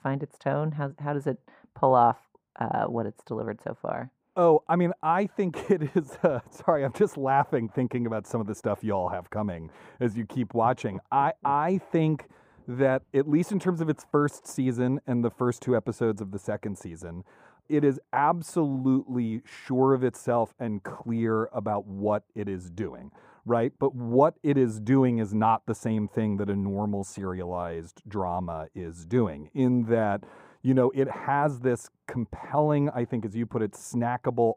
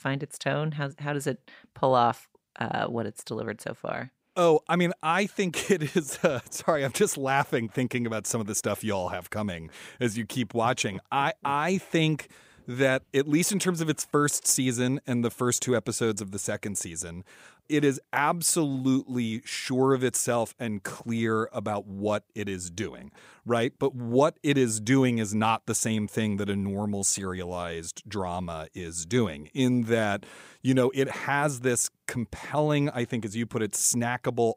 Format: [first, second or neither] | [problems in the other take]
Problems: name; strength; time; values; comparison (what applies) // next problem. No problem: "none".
second | muffled; very; fading above 2 kHz